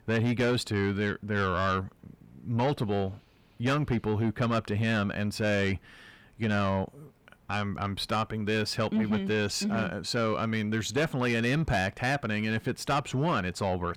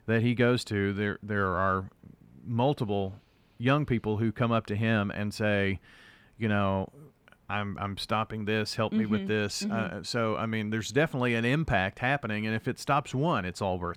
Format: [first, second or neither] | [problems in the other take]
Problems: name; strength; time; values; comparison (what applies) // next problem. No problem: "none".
second | distortion; slight; 10 dB below the speech